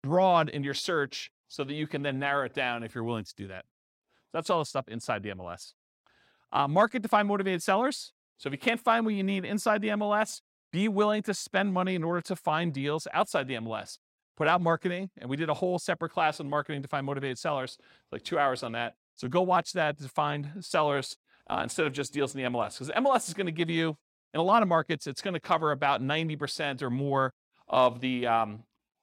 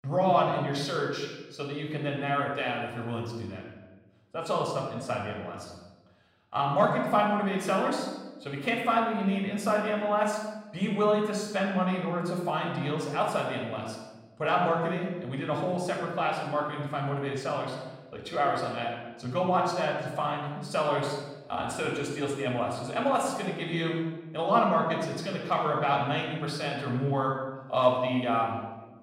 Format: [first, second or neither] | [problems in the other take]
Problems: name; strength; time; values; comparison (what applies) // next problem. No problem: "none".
first | room echo; noticeable; dies away in 1 s // off-mic speech; somewhat distant